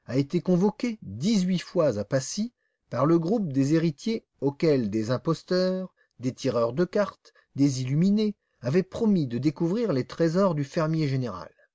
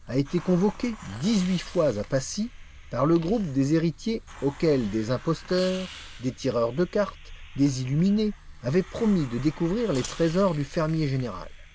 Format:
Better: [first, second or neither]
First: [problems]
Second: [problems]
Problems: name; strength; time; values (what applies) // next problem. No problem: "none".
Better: first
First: none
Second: background sound (Hiss + Scissors); 16 dB below the speech